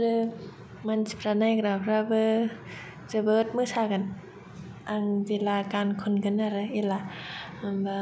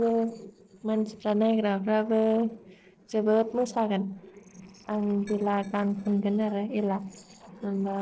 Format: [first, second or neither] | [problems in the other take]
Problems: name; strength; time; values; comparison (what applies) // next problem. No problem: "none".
first | noise reduction (neural separator model SepFormer DNS4)